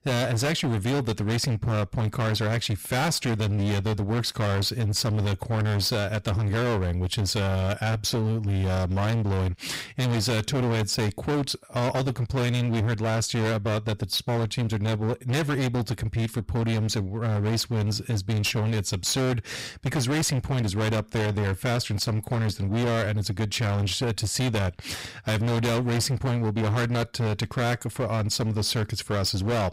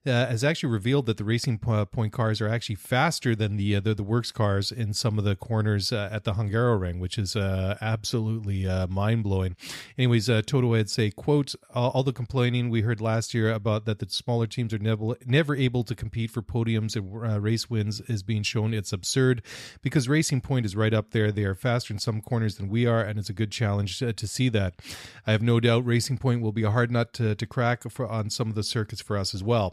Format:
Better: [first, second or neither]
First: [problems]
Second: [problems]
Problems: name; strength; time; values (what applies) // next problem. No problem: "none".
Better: second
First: distortion; heavy; 34% of the sound clipped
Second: none